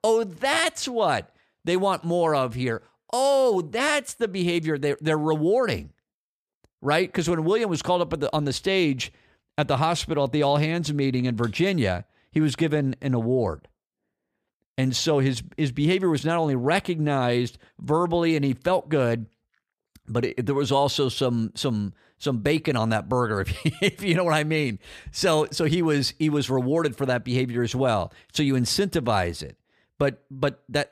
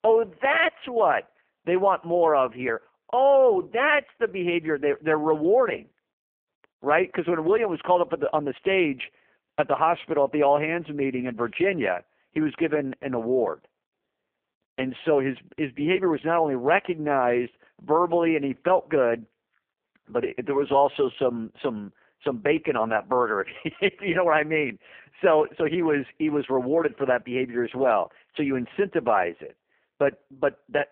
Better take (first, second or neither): first